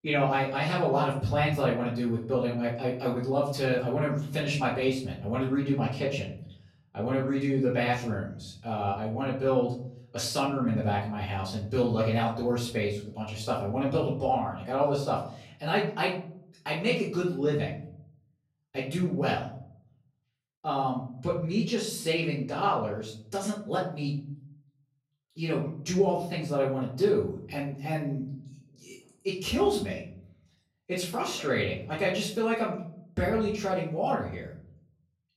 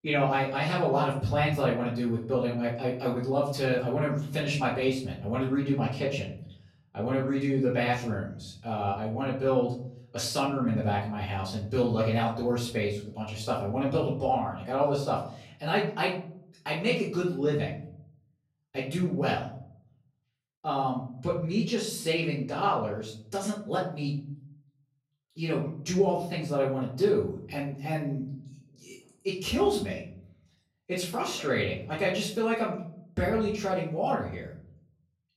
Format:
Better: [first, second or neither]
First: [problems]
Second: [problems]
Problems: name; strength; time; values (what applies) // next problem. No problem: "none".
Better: neither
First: off-mic speech; far // room echo; noticeable; dies away in 0.6 s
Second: off-mic speech; far // room echo; noticeable; dies away in 0.6 s